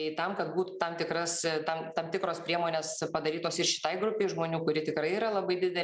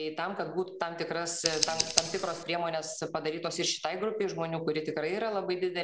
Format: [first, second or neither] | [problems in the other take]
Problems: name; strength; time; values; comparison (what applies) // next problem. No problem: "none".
first | background sound (Scissors); 7 dB below the speech